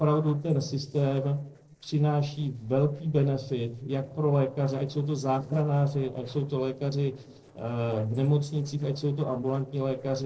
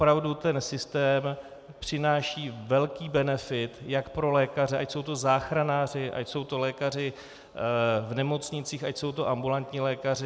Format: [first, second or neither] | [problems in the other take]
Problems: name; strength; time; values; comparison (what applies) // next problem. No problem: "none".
second | noise reduction (neural separator model SepFormer DNS4)